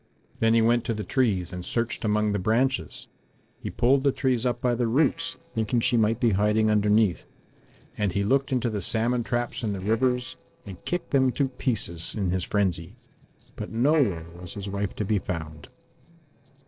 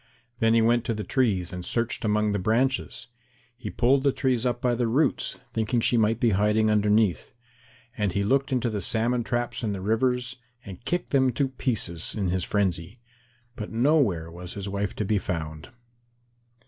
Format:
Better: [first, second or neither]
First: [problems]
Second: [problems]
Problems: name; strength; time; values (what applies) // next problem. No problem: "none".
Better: second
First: noise reduction (neural separator model SepFormer DNS4)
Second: none